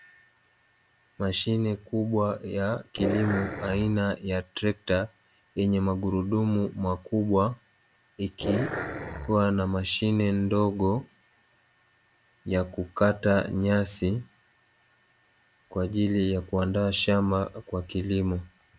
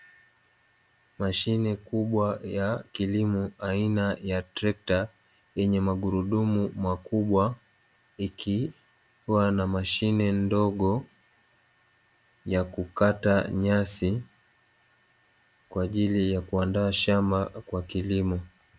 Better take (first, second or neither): second